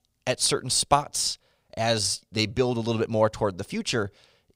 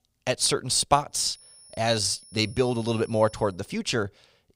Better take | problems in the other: first | high-pitched whine; faint; from 1.5 to 3.5 s; 10.5 kHz, 25 dB below the speech

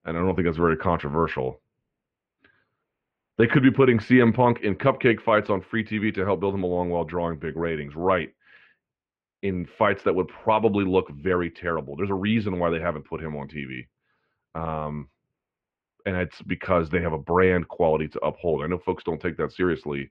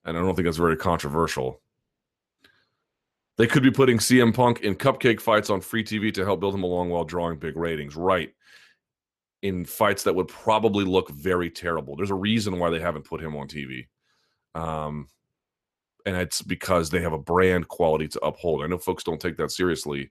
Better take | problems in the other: second | muffled; very; fading above 2.5 kHz

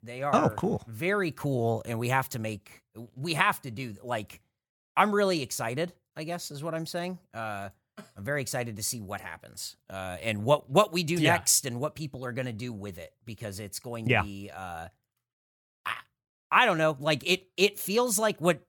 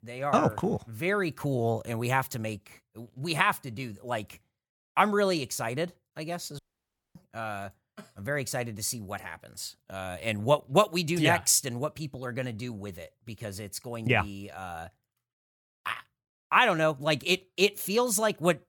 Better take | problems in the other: first | audio cutting out; at 6.5 s for 0.5 s

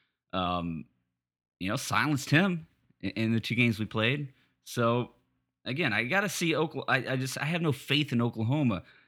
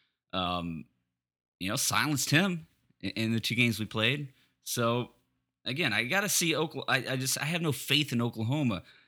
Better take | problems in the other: second | muffled; slightly; fading above 3.5 kHz

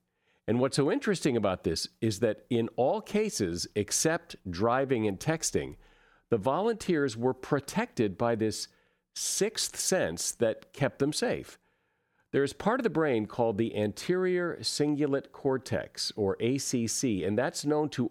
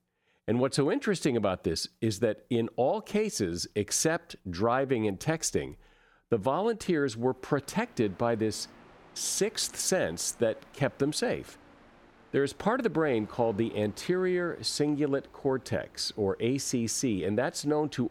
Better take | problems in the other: first | train or aircraft noise; faint; from 7.5 s on; 25 dB below the speech

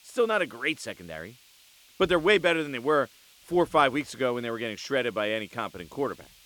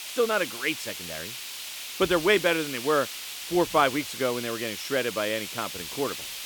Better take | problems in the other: first | hiss; loud; throughout; 8 dB below the speech; faint in the first

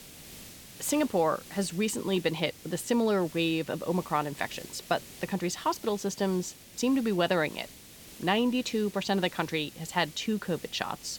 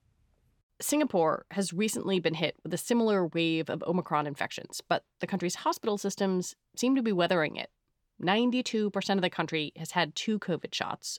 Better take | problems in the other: second | hiss; noticeable; throughout; 15 dB below the speech

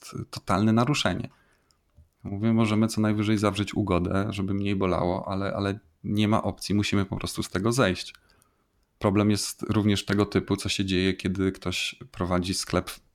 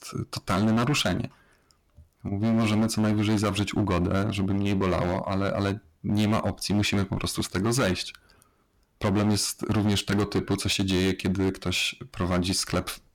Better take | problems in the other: first | distortion; heavy; 12% of the sound clipped

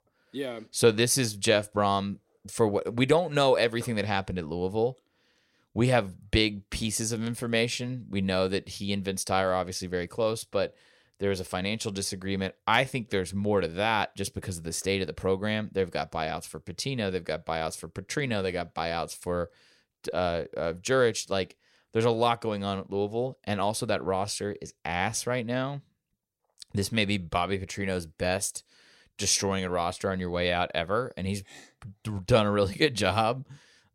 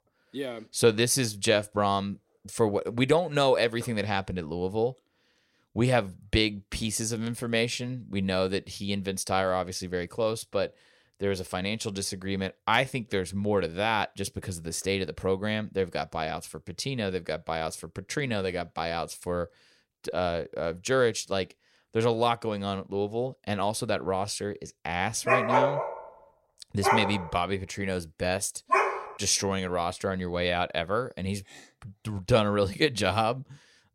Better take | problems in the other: first | dog barking; loud; from 25 to 29 s; peak 6 dB above the speech

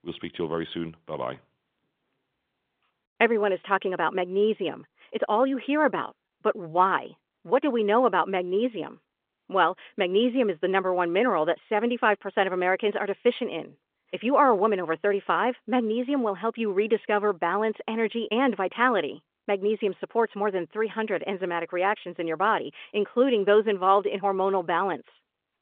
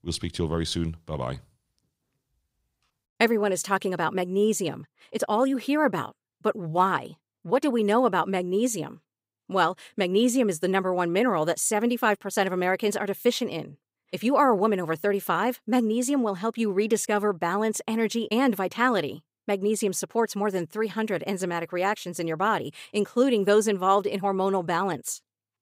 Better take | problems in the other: second | phone-call audio

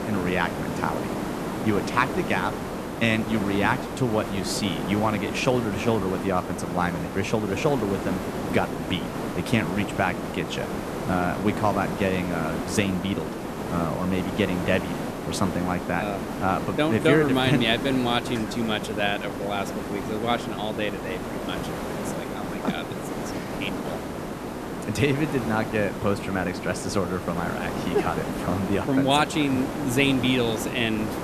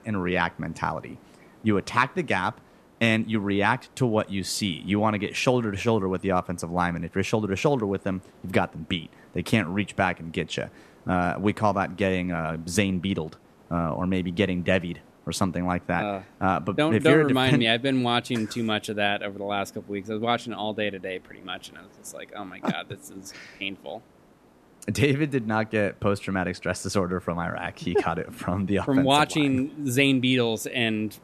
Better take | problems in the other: second | hiss; loud; throughout; 5 dB below the speech; faint in the second

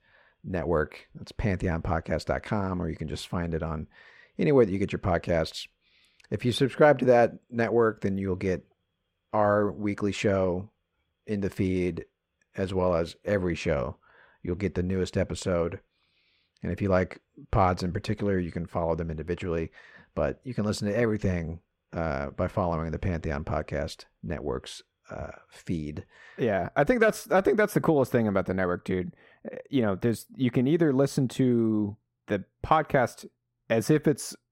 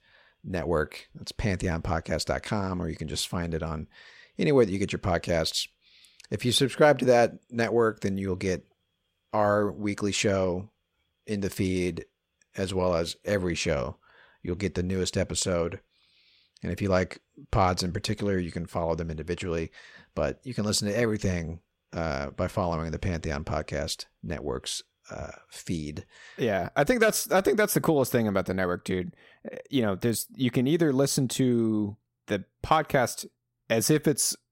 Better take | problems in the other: second | muffled; slightly; fading above 3 kHz

